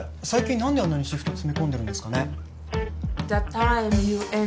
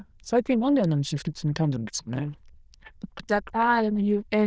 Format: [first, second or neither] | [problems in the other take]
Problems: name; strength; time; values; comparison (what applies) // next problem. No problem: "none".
first | noise reduction (neural diffusion model UNIVERSE++)